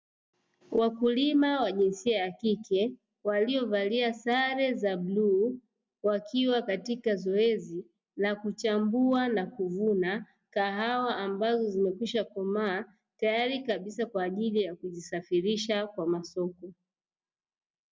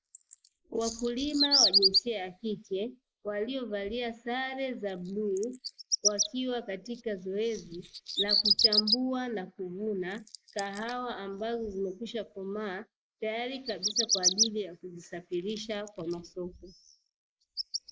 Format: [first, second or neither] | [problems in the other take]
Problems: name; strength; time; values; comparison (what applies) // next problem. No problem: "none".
first | noise reduction (neural mask model Resemble Enhance denoiser)